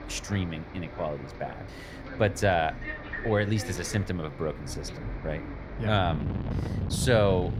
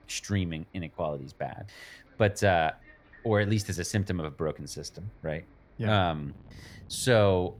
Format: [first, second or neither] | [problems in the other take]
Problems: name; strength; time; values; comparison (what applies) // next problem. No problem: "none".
second | traffic noise; loud; throughout; 7 dB below the speech; faint in the second